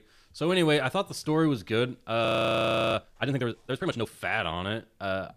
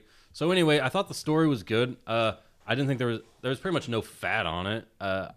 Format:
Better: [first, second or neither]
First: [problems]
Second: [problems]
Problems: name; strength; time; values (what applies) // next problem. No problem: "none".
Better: second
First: audio freezing; at 2.5 s for 0.5 s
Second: none